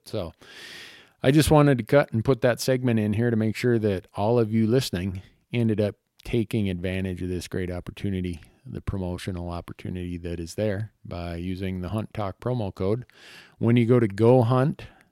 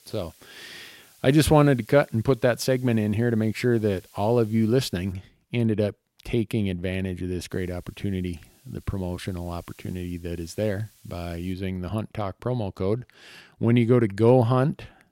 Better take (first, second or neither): first